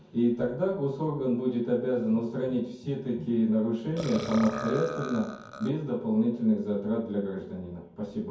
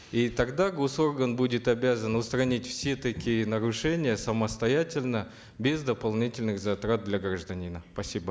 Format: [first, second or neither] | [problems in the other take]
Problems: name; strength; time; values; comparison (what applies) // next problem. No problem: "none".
second | background sound (Burping, eructation); 11 dB below the speech // room echo; dies away in 0.6 s